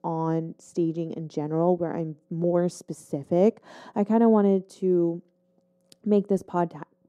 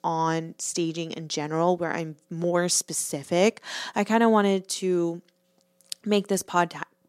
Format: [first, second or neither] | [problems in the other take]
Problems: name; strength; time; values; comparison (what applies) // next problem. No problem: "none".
second | muffled; very; fading above 1 kHz